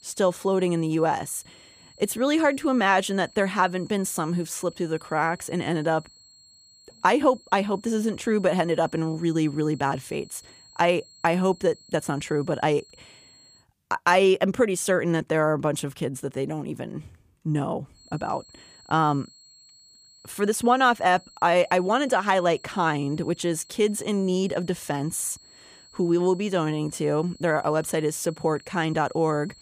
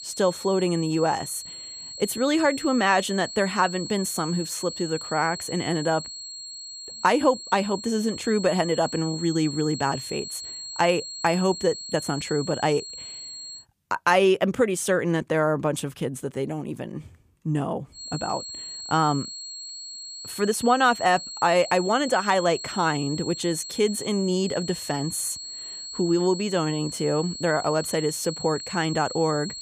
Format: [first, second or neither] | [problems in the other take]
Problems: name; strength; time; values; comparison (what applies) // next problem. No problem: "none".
first | high-pitched whine; loud; until 14 s and from 18 s on; 4.5 kHz, 10 dB below the speech; faint in the first